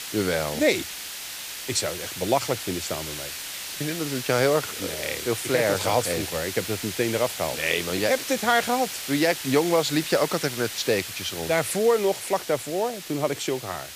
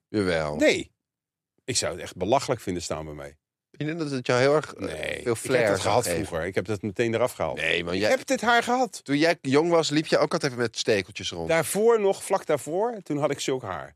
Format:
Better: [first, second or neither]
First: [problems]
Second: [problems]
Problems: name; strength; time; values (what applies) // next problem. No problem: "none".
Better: second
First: hiss; loud; throughout; 7 dB below the speech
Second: none